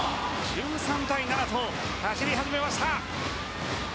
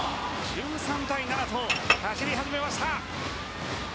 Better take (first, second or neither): first